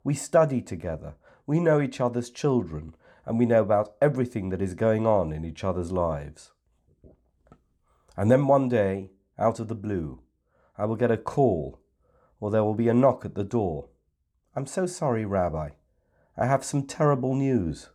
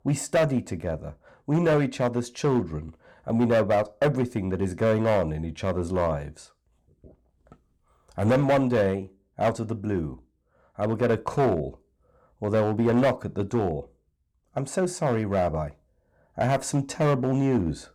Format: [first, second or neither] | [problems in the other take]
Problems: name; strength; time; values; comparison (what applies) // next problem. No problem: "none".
first | distortion; slight; 6% of the sound clipped